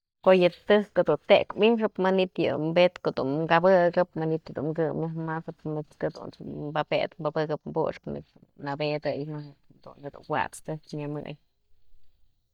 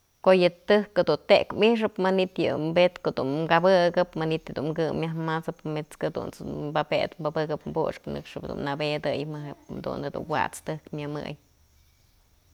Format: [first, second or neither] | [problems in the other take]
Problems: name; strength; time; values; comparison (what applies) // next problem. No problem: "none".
second | noise reduction (neural mask model DeepFilterNet 3)